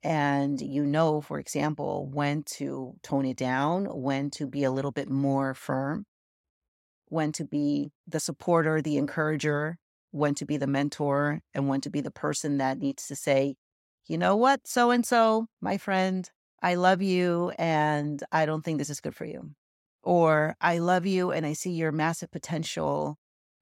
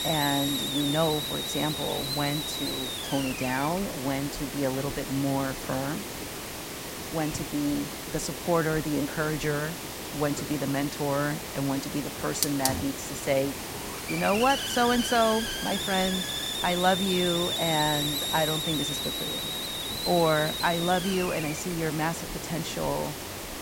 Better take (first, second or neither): first